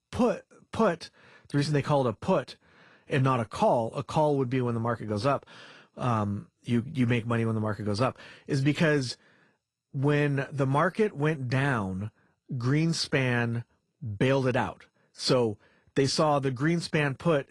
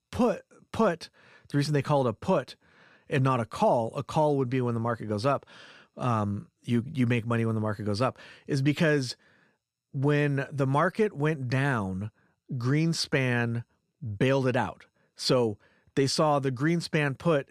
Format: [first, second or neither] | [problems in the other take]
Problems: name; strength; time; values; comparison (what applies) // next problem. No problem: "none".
second | garbled, watery; slightly